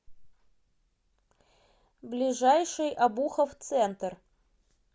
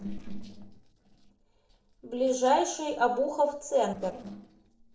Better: first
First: none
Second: noise reduction (neural separator model SepFormer DNS4)

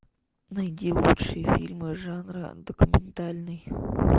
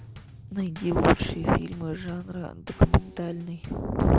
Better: first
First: none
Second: background sound (Bass drum / Snare drum / Drum kit); 20 dB below the speech

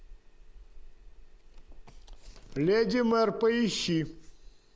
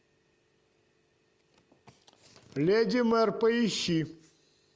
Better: second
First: background sound (Rain); 17 dB below the speech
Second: none

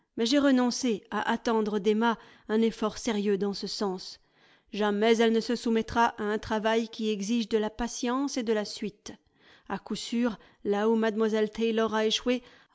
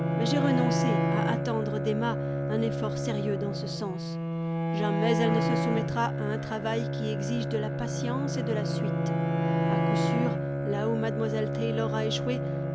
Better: first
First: none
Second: background sound (Bowed string instrument + Bowed string instrument); 4 dB above the speech

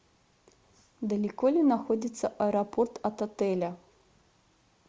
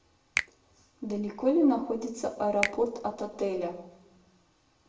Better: first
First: none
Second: background sound (Finger snapping); 10 dB below the speech // room echo; dies away in 0.7 s

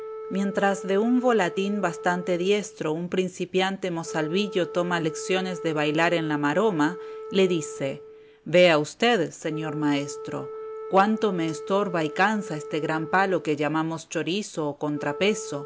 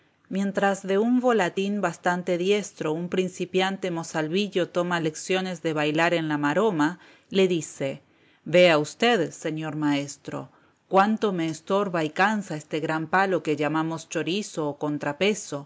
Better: second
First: background sound (Wind instrument, woodwind instrument); 13 dB below the speech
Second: none

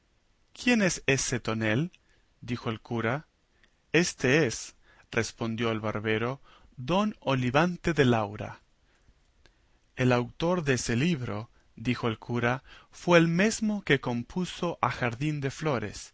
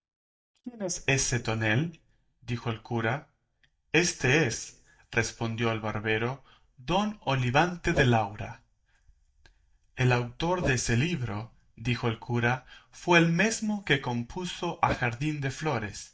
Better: first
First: none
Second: noise reduction (neural mask model DeepFilterNet 3)

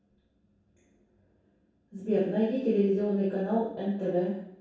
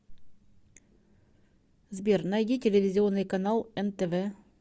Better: second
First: room echo; dies away in 0.7 s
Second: none

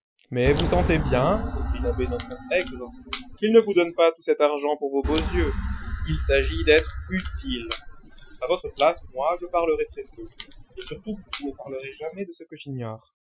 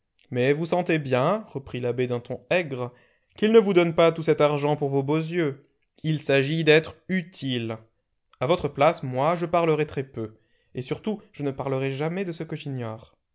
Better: second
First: noise reduction (classical method Wiener filter)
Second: none

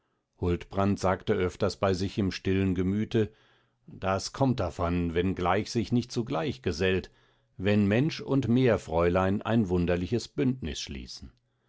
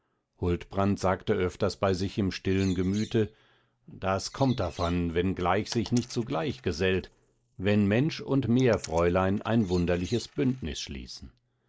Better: first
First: none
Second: noise reduction (neural mask model Resemble Enhance denoiser)

